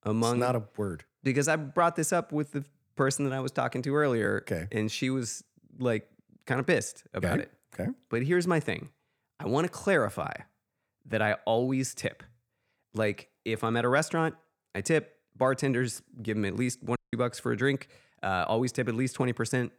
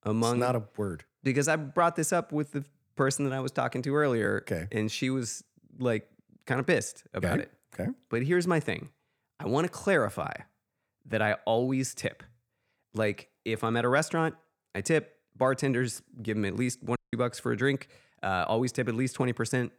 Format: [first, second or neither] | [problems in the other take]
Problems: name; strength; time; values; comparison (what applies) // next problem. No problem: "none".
neither | audio cutting out; at 17 s; the same in both